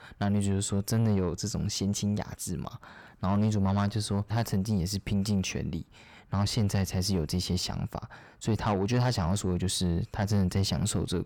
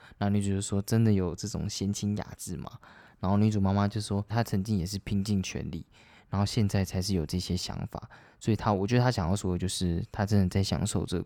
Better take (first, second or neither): second